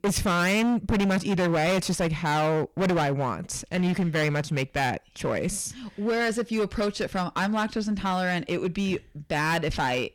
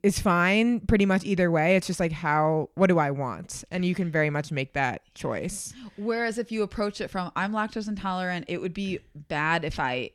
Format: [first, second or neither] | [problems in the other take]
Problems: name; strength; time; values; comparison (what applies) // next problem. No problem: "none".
second | distortion; heavy; 18% of the sound clipped